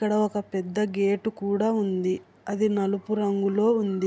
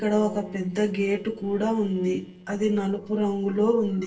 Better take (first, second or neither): first